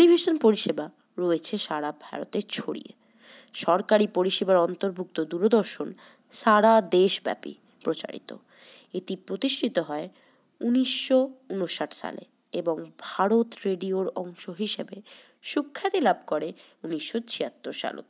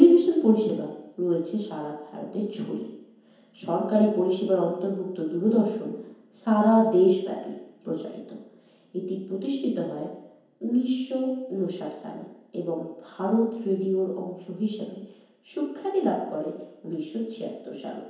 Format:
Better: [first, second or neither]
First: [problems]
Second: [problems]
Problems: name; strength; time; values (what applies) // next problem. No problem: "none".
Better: first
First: none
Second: room echo; dies away in 1 s